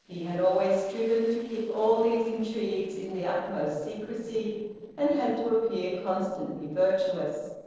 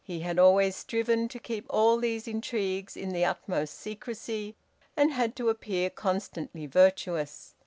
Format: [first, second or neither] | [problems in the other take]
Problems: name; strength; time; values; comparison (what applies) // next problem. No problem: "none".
second | noise reduction (neural separator model SepFormer DNS4)